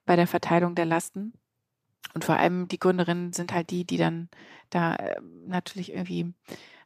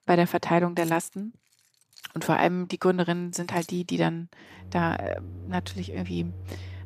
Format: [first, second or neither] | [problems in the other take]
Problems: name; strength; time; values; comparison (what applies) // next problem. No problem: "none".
first | household noises; noticeable; throughout; 15 dB below the speech